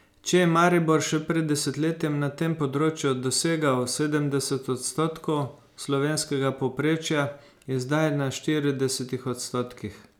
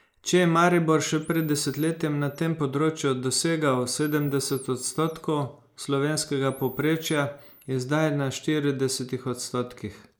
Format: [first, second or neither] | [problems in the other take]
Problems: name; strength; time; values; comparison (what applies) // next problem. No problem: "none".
first | noise reduction (neural mask model Resemble Enhance denoiser)